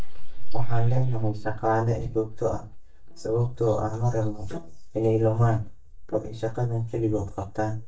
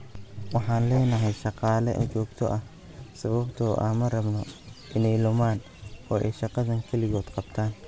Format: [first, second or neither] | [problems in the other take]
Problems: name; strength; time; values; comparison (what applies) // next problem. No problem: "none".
second | noise reduction (neural mask model DeepFilterNet 3)